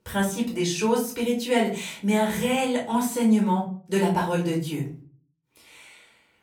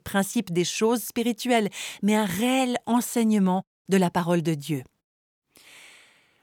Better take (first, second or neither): second